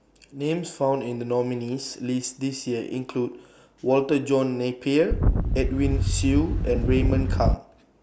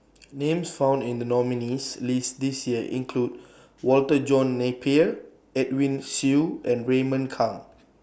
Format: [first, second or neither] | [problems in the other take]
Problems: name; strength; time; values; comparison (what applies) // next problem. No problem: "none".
second | background sound (Wind); 3 dB above the speech